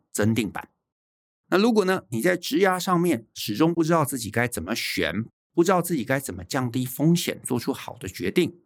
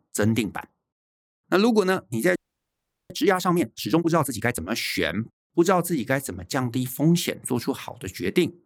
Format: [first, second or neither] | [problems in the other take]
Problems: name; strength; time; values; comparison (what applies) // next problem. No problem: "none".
first | audio freezing; at 2.5 s for 0.5 s